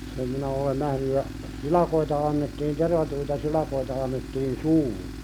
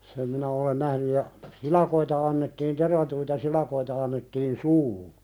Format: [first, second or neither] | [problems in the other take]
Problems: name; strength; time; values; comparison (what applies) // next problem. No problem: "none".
second | background sound (Tools); 10 dB below the speech